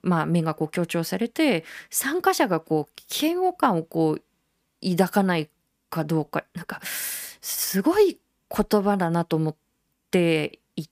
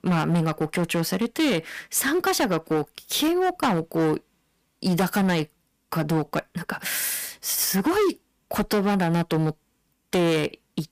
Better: first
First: none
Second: distortion; heavy; 13% of the sound clipped

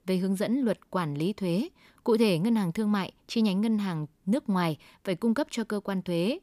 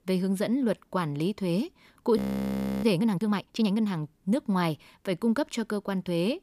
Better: first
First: none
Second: audio freezing; at 2 s for 0.5 s

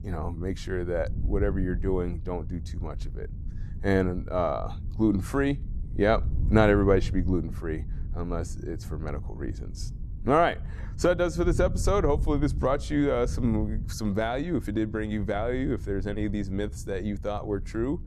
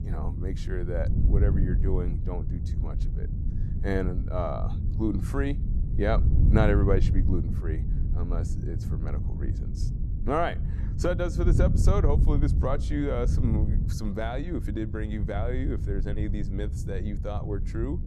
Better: first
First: wind noise on the microphone; occasional gusts; 20 dB below the speech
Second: wind noise on the microphone; heavy; 9 dB below the speech

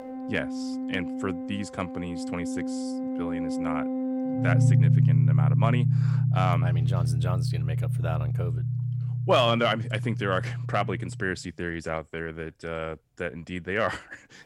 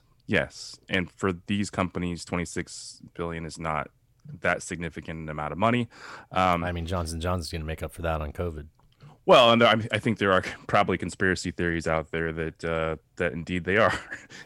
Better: second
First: background music; very loud; until 11 s; 5 dB above the speech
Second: none

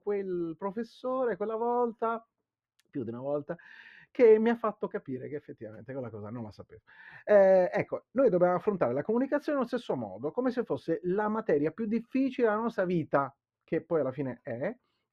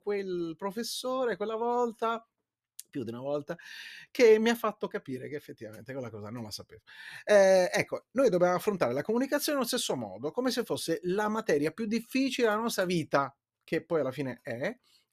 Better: second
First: muffled; very; fading above 3.5 kHz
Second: none

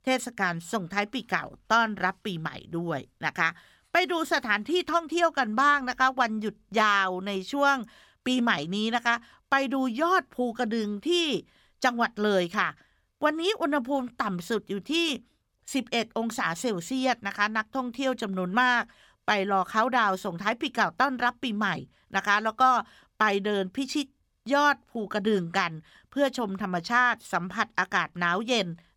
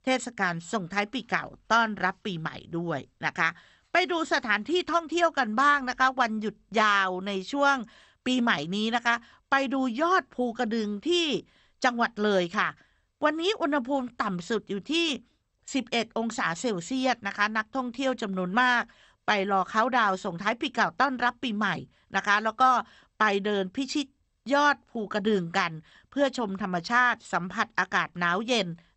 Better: first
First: none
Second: garbled, watery; slightly; nothing above 8 kHz

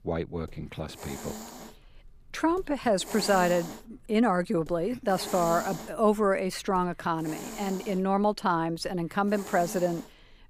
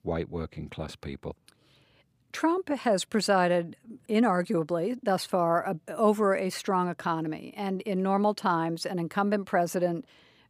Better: second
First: hiss; noticeable; throughout; 15 dB below the speech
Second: none

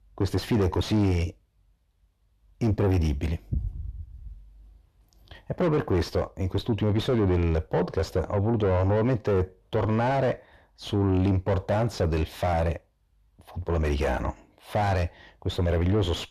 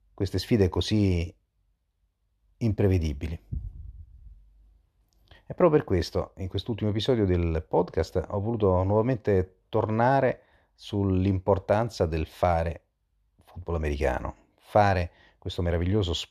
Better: second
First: distortion; heavy; 6 dB below the speech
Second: none

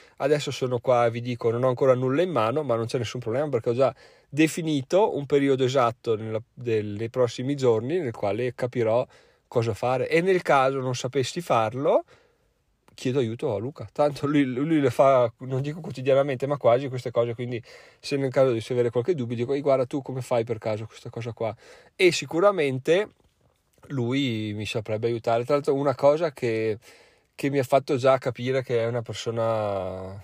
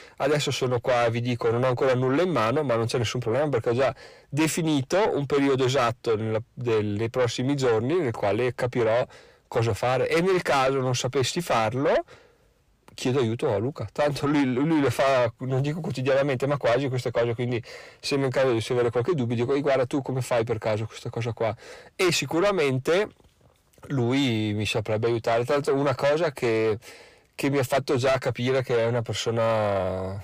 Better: first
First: none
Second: distortion; heavy; 7 dB below the speech

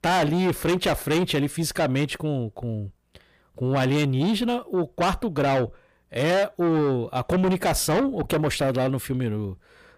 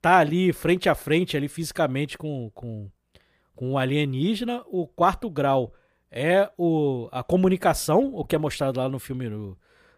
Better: second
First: distortion; heavy; 6 dB below the speech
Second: none

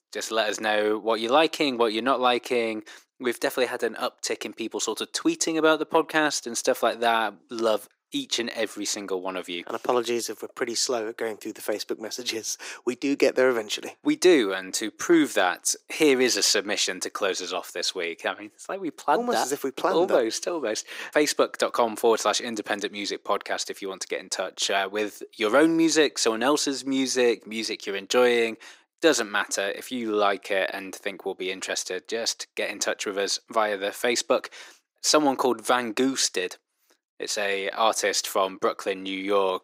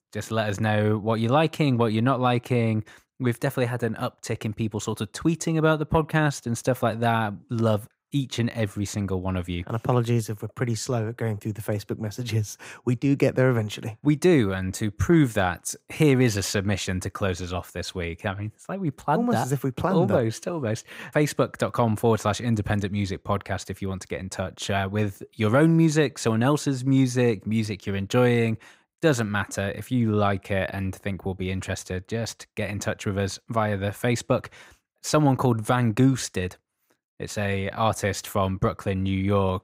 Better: second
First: thin; somewhat; fading below 350 Hz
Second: none

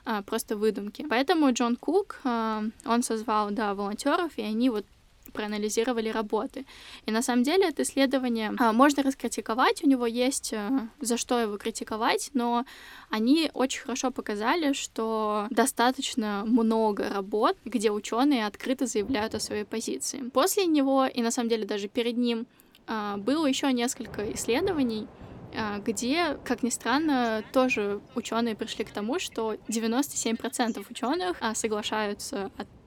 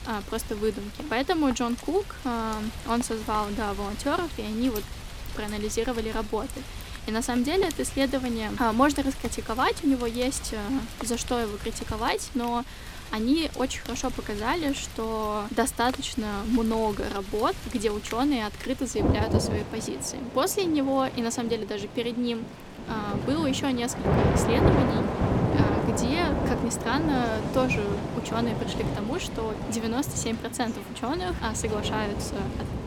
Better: first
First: rain or running water; faint; throughout; 25 dB below the speech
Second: rain or running water; loud; throughout; 4 dB below the speech

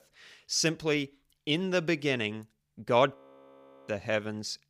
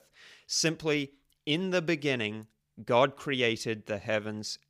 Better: second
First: audio freezing; at 3 s for 0.5 s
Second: none

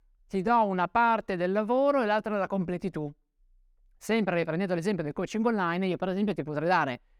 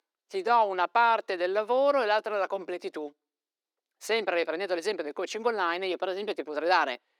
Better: first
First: none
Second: thin; very; fading below 350 Hz

